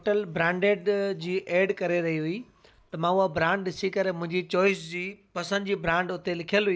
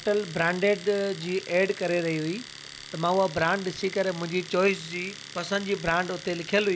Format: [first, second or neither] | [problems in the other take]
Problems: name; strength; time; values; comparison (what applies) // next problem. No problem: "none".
first | background sound (Domestic sounds, home sounds); 15 dB below the speech